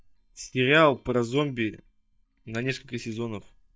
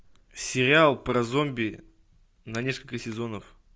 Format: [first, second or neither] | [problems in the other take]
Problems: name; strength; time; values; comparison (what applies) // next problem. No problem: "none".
second | noise reduction (neural mask model DeepFilterNet 3)